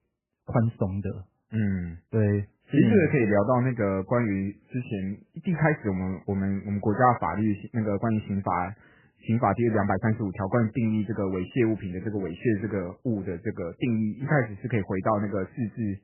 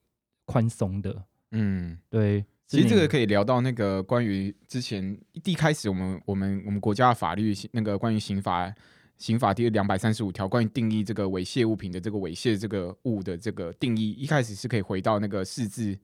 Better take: second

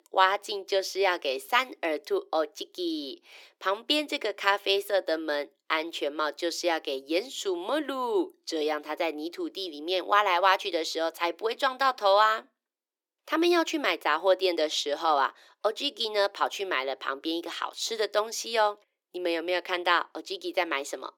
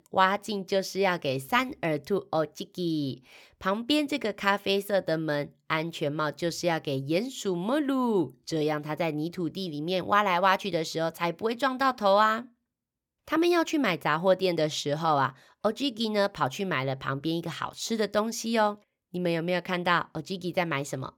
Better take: second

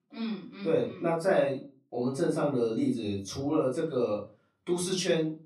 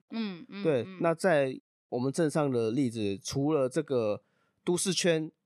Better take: second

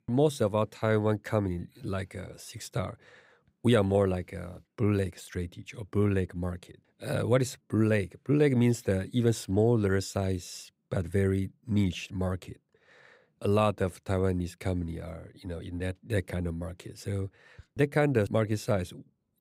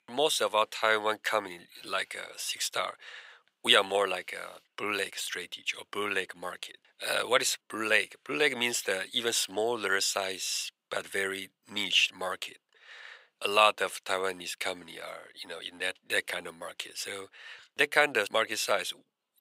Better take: first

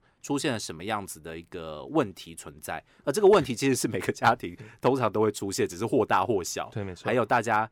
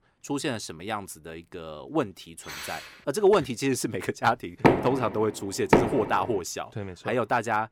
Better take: first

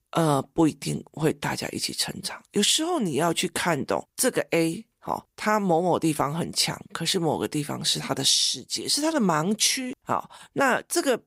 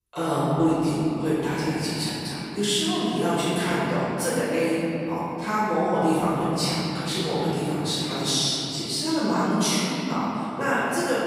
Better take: first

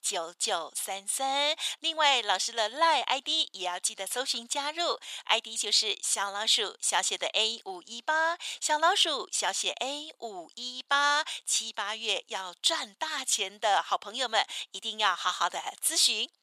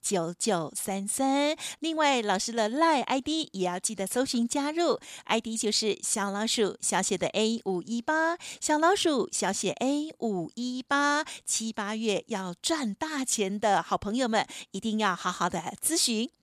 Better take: second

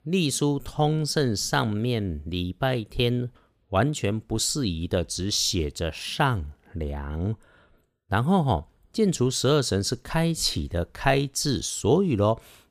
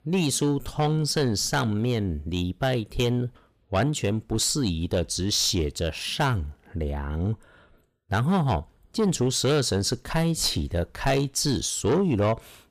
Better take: first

